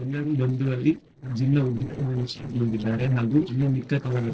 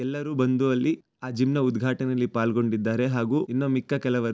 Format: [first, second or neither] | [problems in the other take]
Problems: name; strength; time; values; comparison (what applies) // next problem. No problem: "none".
second | noise reduction (neural separator model SepFormer DNS4)